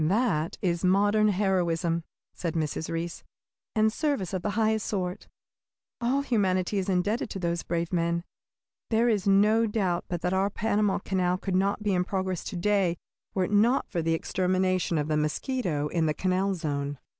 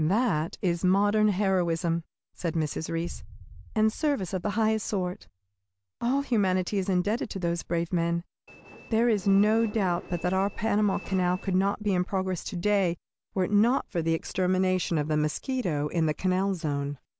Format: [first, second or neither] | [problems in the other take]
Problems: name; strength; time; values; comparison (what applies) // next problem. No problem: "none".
first | background sound (Boom + Train); 19 dB below the speech